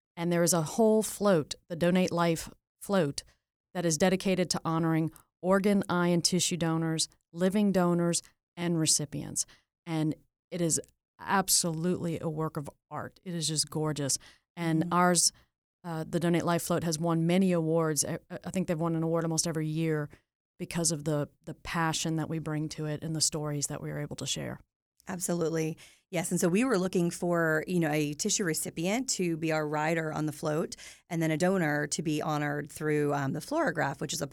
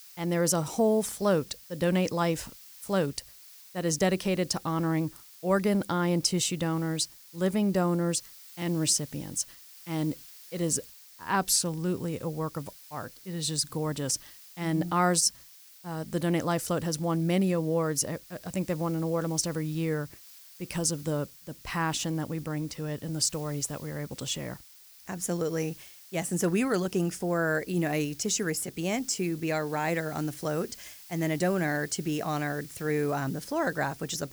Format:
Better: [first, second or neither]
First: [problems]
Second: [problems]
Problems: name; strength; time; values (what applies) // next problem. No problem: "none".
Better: first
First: none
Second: hiss; noticeable; throughout; 20 dB below the speech